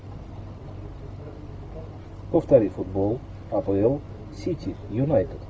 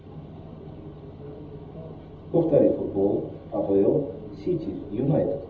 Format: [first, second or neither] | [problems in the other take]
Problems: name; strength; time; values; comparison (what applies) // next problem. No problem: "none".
first | room echo; dies away in 0.8 s